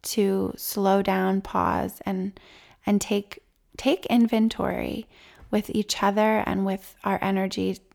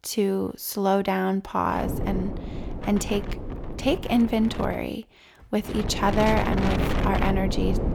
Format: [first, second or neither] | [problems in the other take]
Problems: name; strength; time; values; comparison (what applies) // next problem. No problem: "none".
first | wind noise on the microphone; heavy; from 2 to 5 s and from 5.5 s on; 7 dB below the speech